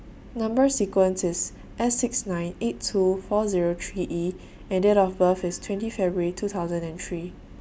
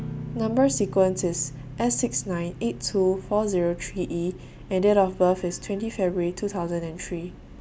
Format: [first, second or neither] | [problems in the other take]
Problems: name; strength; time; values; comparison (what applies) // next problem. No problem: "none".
first | background sound (Guitar); 15 dB below the speech